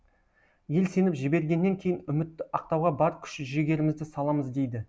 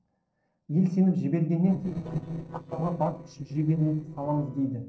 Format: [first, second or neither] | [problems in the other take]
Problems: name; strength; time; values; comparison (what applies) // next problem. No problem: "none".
first | noise reduction (neural separator model SepFormer DNS4)